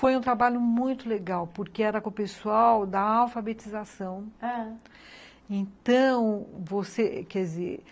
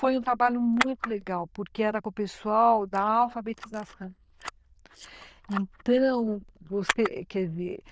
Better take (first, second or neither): first